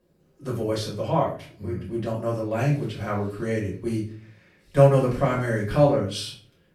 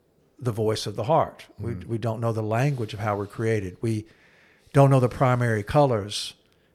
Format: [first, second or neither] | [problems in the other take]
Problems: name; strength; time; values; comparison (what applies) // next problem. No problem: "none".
second | off-mic speech; far // room echo; slight; dies away in 0.4 s